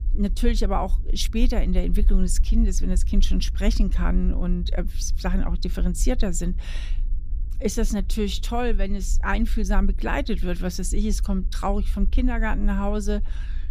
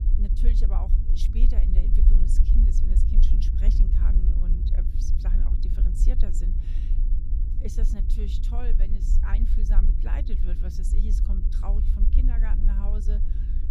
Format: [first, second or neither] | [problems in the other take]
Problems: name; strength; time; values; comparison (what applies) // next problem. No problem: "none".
first | low rumble; loud; throughout; 2 dB below the speech; faint in the first